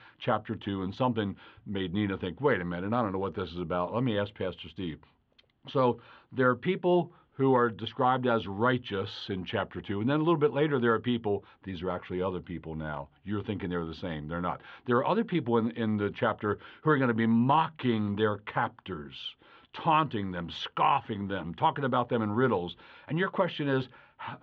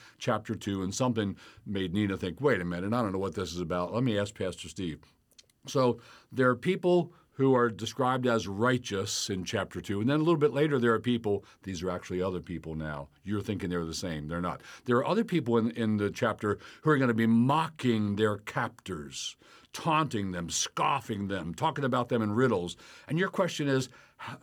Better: second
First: muffled; very; fading above 3.5 kHz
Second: none

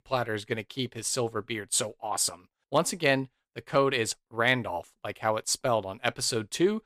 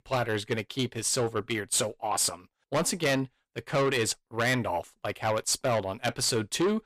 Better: first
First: none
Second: distortion; heavy; 7 dB below the speech

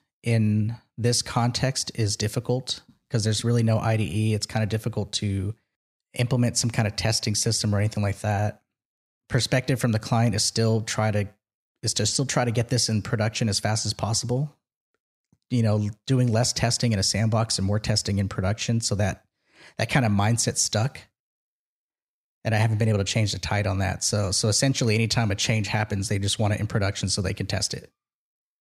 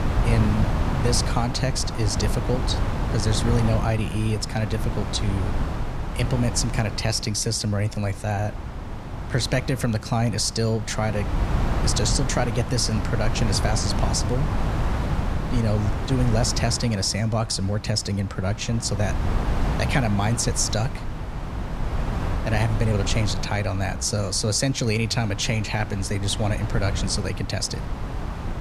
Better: first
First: none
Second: wind noise on the microphone; heavy; 7 dB below the speech

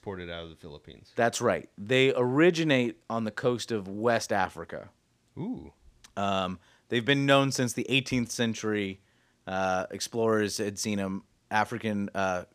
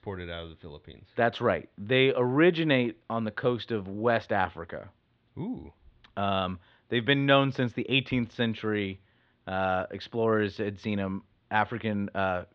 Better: first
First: none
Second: muffled; very; fading above 3.5 kHz

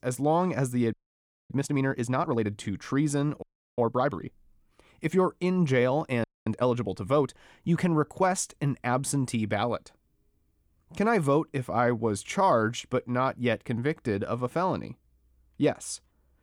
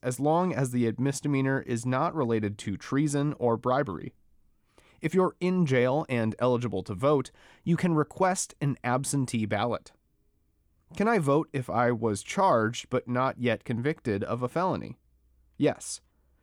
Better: second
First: audio freezing; at 1 s for 0.5 s, at 3.5 s and at 6 s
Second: none

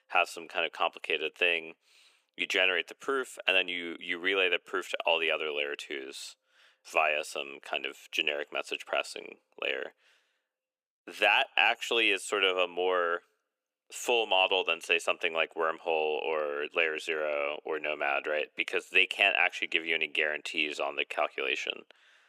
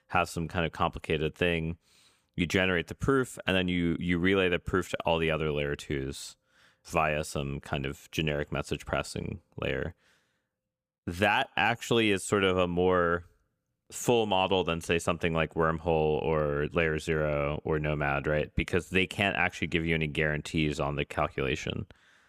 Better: second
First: thin; very; fading below 350 Hz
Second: none

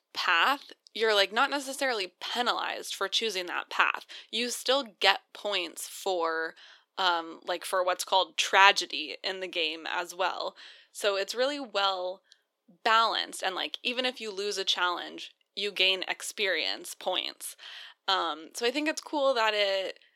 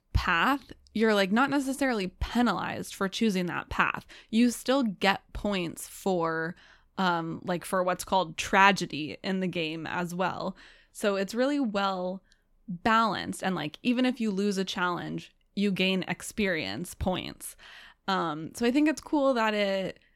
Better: second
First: thin; very; fading below 400 Hz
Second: none

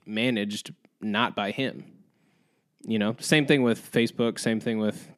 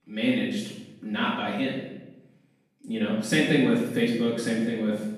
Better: first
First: none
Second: off-mic speech; far // room echo; noticeable; dies away in 0.8 s

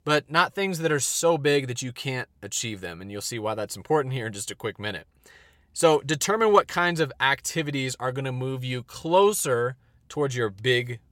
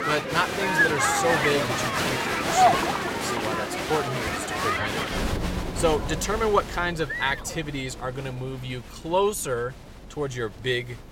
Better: first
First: none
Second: crowd noise; very loud; throughout; 3 dB above the speech

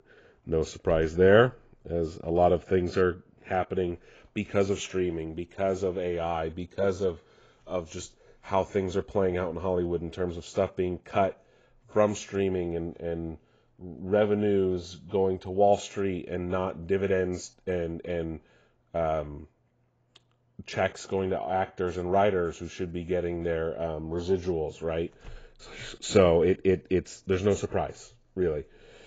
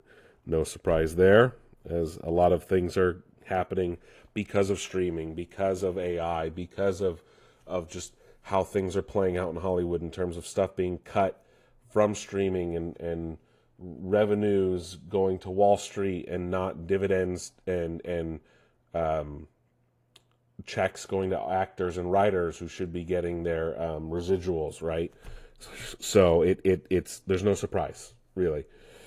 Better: second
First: garbled, watery; badly; nothing above 7.5 kHz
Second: garbled, watery; slightly; nothing above 15 kHz

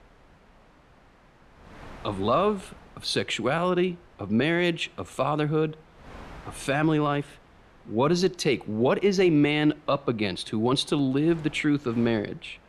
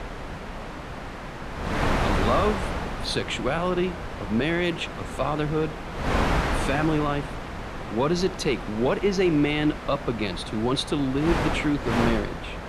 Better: first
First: wind noise on the microphone; occasional gusts; 25 dB below the speech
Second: wind noise on the microphone; heavy; 4 dB below the speech

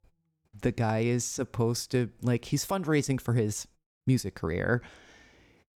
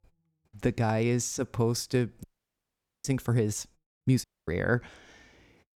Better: first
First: none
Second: audio cutting out; at 2 s for 1 s and at 4 s

